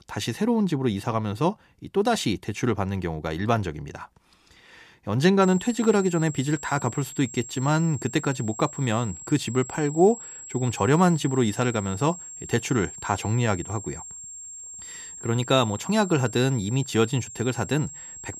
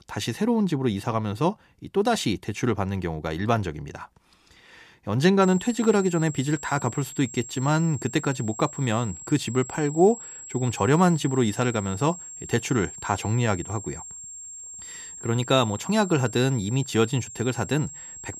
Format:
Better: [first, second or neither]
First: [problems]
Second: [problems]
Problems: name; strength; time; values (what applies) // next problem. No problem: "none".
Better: neither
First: high-pitched whine; noticeable; from 5.5 s on; 7.5 kHz, 15 dB below the speech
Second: high-pitched whine; noticeable; from 5.5 s on; 7.5 kHz, 15 dB below the speech